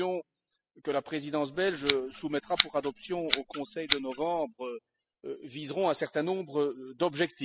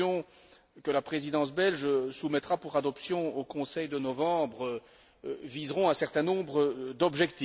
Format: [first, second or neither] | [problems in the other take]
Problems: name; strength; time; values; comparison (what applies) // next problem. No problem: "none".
second | noise reduction (classical method spectral subtraction)